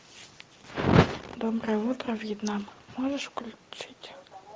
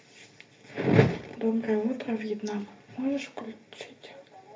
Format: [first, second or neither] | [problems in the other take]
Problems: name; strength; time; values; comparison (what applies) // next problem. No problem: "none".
first | room echo; dies away in 0.3 s